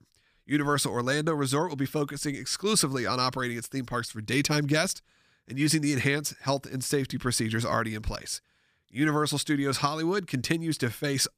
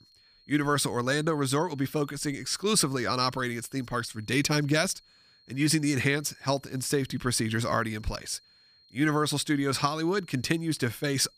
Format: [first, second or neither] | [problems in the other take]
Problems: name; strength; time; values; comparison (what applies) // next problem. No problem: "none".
first | high-pitched whine; faint; throughout; 4.5 kHz, 30 dB below the speech